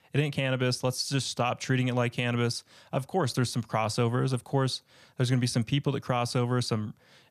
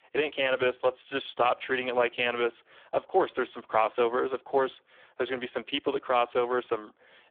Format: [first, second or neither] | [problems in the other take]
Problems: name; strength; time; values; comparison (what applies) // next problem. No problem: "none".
first | phone-call audio; poor line; nothing above 3.5 kHz